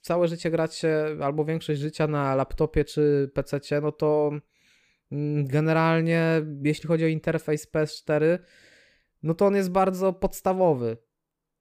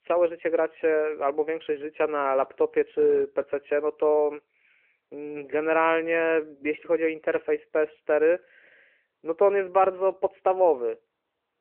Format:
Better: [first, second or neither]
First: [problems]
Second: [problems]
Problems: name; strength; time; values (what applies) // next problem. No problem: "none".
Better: first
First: none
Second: phone-call audio